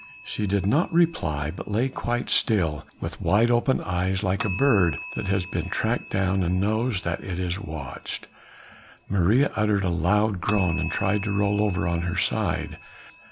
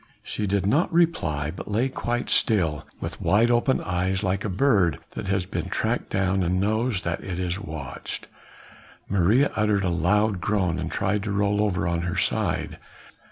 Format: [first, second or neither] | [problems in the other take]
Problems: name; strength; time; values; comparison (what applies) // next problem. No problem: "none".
second | background sound (Bell); 17 dB below the speech